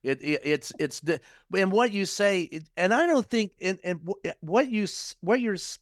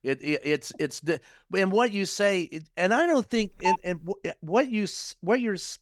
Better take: first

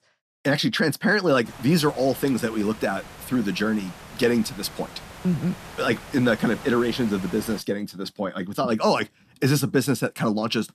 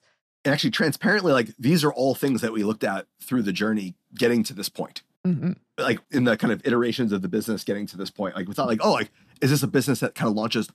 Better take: second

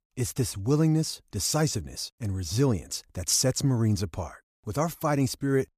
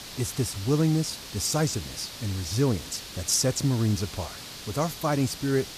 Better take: first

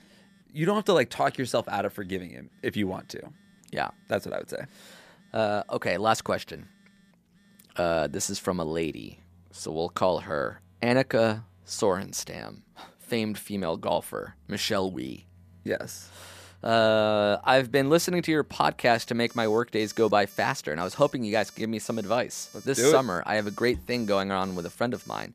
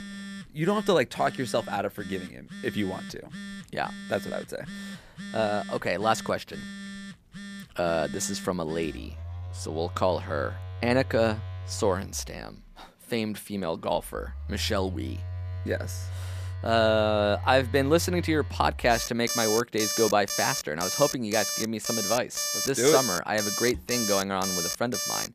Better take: first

